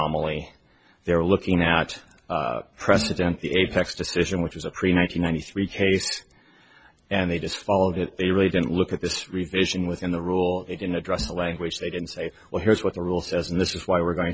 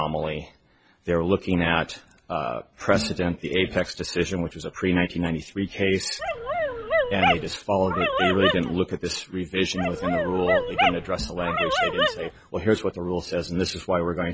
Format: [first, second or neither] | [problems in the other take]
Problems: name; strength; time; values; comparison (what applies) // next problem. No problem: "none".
first | background sound (Dog); 1 dB above the speech